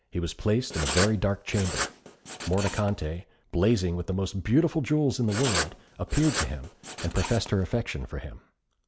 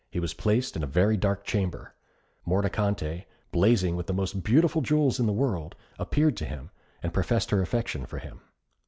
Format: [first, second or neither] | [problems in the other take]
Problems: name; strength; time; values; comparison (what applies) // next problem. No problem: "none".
second | background sound (Writing); 7 dB below the speech